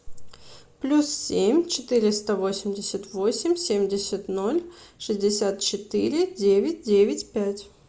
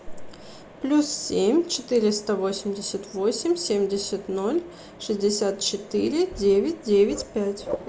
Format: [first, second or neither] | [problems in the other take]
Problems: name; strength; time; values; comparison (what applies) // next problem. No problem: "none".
first | background sound (Mechanisms); 17 dB below the speech